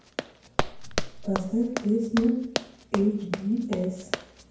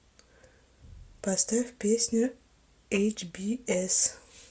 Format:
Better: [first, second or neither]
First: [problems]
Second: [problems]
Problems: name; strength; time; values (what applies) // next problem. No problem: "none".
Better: second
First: background sound (Run); 5 dB below the speech // room echo; dies away in 0.9 s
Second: none